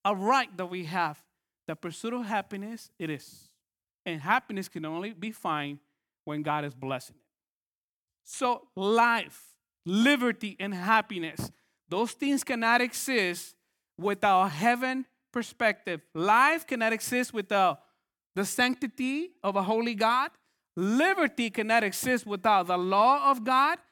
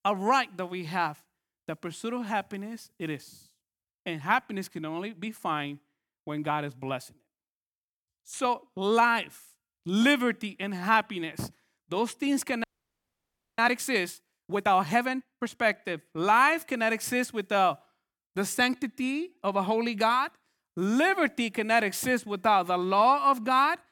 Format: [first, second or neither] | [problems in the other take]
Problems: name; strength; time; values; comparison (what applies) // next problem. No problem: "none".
first | audio freezing; at 13 s for 1 s